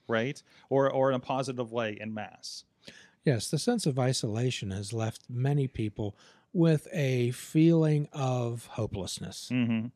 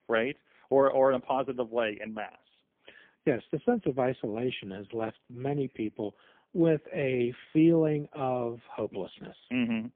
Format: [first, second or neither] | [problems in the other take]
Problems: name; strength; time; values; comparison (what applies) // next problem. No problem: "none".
first | phone-call audio; poor line; nothing above 3.5 kHz